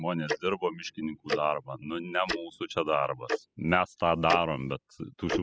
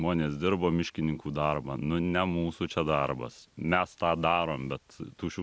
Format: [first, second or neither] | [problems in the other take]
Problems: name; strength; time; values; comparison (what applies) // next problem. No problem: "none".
second | noise reduction (classical method spectral subtraction)